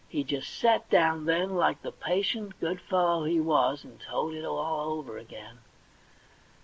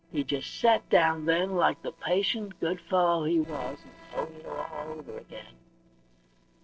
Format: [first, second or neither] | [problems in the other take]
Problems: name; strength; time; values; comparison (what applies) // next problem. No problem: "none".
first | noise reduction (neural separator model SepFormer DNS4)